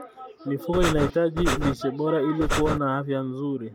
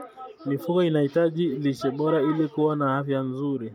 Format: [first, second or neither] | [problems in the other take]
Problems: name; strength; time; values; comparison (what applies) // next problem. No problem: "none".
second | background sound (Breathing); 1 dB above the speech